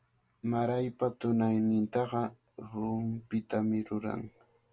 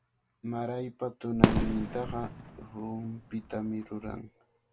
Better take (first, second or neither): first